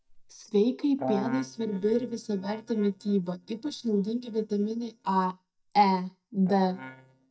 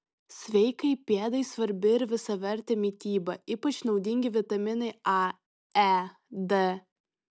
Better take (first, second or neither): second